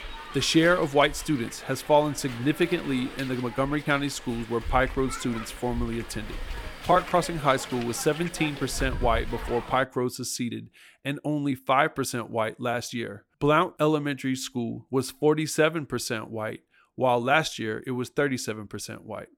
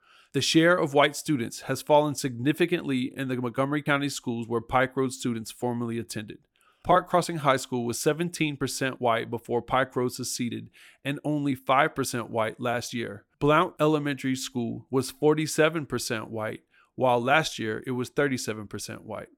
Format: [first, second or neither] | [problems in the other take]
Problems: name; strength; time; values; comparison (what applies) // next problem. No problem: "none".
second | hiss; noticeable; until 10 s; 10 dB below the speech